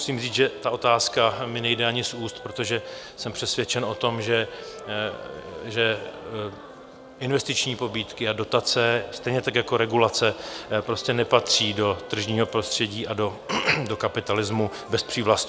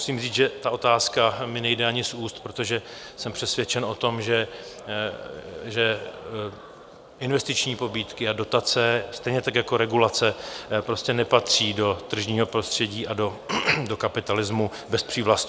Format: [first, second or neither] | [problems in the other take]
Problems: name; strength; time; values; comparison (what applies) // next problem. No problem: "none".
second | background sound (Wind instrument, woodwind instrument); 19 dB below the speech